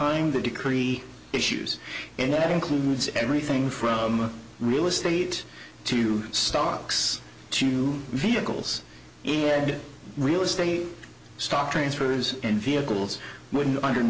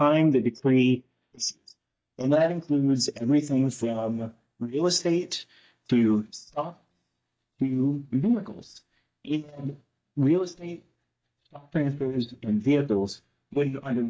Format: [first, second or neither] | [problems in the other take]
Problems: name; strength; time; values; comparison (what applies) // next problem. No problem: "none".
first | noise reduction (neural mask model DeepFilterNet 3)